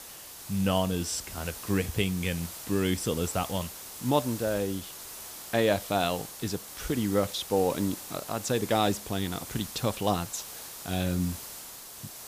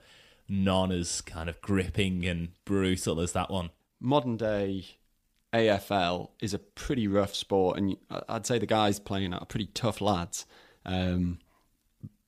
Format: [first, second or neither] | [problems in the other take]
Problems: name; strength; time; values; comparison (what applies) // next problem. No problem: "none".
second | hiss; loud; throughout; 10 dB below the speech